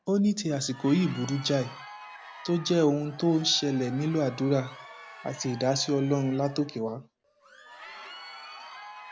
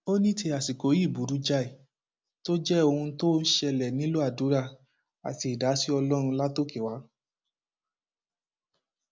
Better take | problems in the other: second | background sound (Crowd); 17 dB below the speech

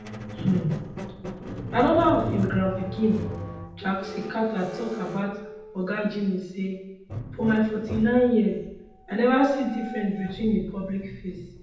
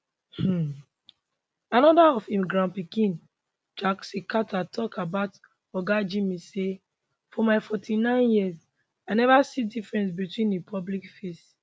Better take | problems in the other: second | background sound (Squeak); 11 dB below the speech // room echo; dies away in 0.8 s

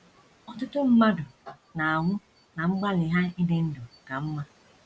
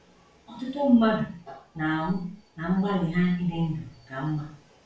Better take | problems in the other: first | room echo; dies away in 0.4 s

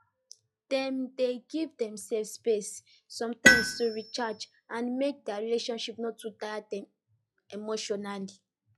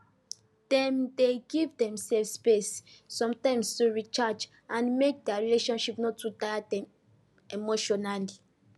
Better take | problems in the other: second | noise reduction (classical method log-MMSE)

